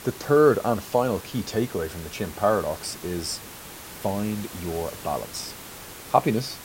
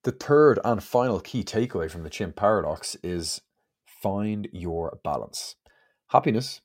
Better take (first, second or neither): second